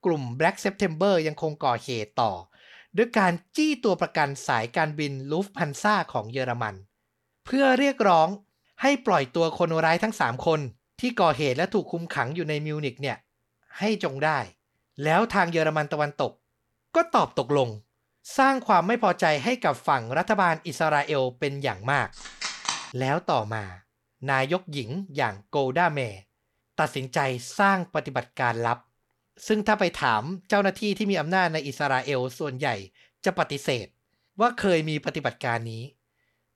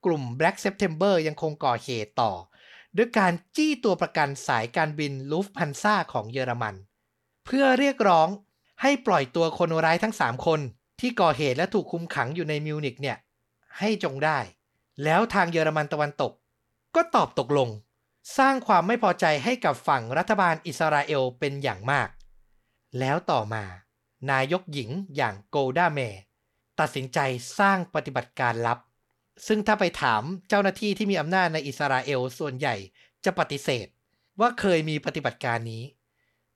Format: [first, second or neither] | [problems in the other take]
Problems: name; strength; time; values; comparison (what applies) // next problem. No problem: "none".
second | phone ringing; noticeable; at 22 s; peak 4 dB below the speech